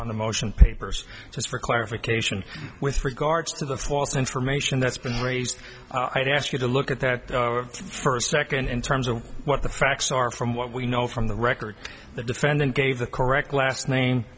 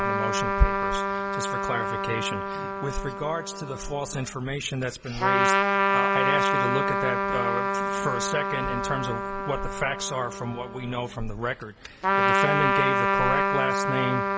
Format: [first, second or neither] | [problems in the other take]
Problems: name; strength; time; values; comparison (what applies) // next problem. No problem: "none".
first | background sound (Trumpet); 4 dB above the speech